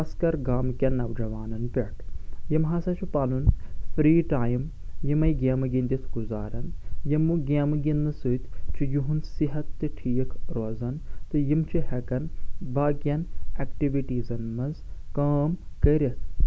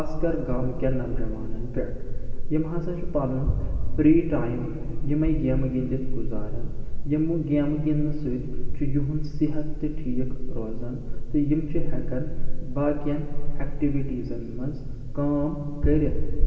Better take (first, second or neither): first